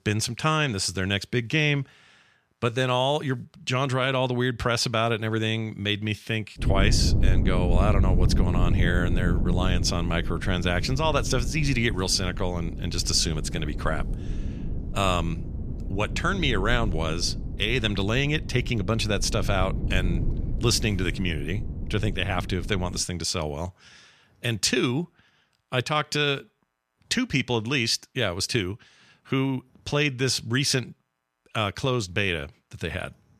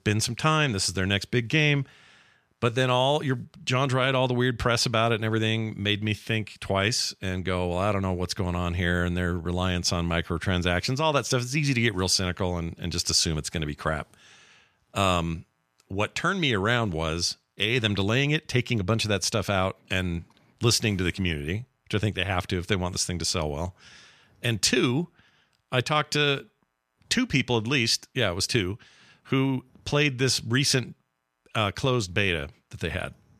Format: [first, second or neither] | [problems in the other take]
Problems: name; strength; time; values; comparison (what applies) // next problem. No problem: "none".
second | low rumble; noticeable; from 6.5 to 23 s; 15 dB below the speech